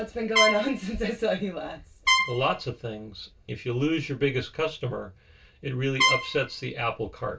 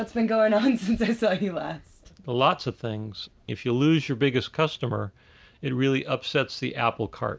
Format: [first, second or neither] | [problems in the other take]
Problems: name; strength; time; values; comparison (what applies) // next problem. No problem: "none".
second | background sound (Trumpet); 2 dB above the speech // room echo; dies away in 0.2 s